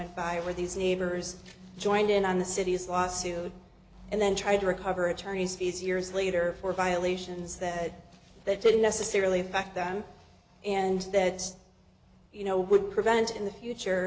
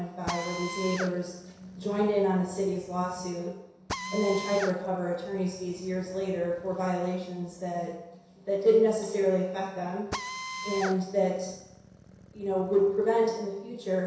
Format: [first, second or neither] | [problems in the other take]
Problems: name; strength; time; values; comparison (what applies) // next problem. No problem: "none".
first | background sound (Drill); 11 dB below the speech // room echo; dies away in 0.7 s